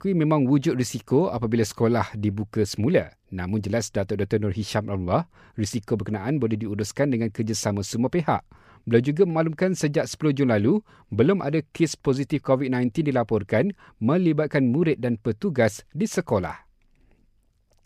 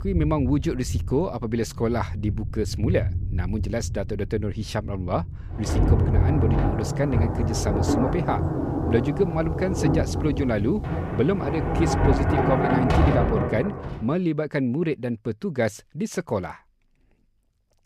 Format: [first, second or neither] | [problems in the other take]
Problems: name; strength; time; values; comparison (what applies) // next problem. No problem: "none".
first | rain or running water; very loud; until 13 s; 1 dB above the speech